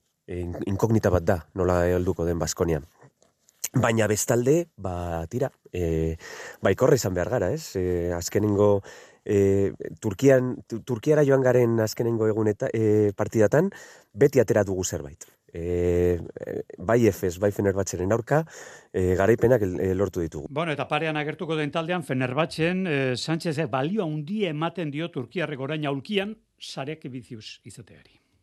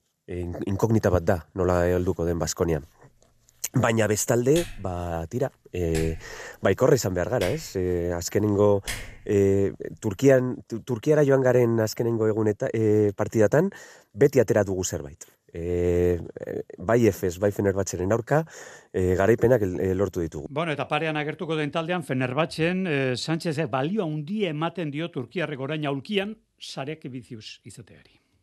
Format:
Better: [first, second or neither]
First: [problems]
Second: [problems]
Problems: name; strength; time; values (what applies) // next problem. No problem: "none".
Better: first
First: none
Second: keyboard typing; noticeable; from 4.5 to 9.5 s; peak 9 dB below the speech